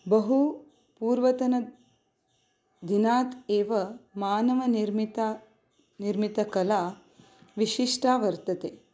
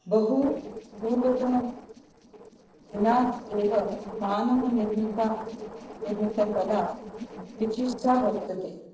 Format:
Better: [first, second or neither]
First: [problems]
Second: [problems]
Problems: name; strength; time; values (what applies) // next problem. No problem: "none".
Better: first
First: none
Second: noise reduction (neural separator model SepFormer DNS4)